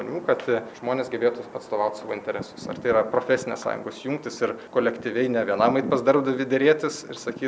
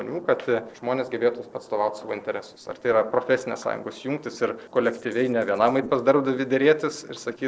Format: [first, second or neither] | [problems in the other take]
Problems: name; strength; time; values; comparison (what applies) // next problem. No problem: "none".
first | noise reduction (neural separator model SepFormer DNS4)